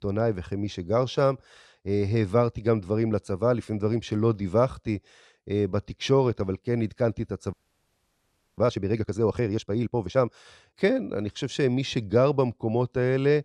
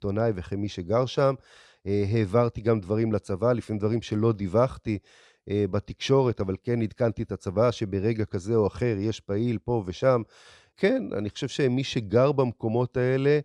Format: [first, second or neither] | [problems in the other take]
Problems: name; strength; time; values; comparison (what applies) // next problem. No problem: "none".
second | audio freezing; at 7.5 s for 1 s